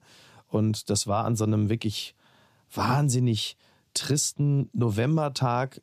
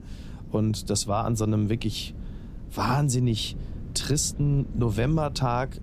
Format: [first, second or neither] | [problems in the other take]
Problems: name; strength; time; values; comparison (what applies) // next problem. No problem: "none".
first | wind noise on the microphone; occasional gusts; 20 dB below the speech